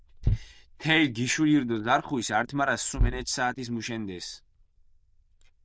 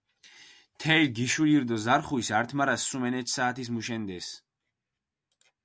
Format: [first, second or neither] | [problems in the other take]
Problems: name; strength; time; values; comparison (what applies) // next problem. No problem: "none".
second | noise reduction (neural diffusion model UNIVERSE++)